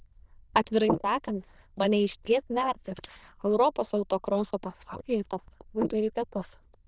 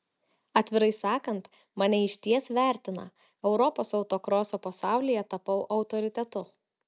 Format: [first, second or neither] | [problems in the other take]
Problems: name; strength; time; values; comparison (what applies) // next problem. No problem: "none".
second | noise reduction (neural diffusion model UNIVERSE++)